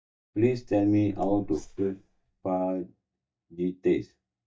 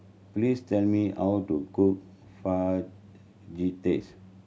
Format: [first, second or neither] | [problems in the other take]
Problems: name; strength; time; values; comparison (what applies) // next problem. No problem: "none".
second | noise reduction (neural mask model DeepFilterNet 3)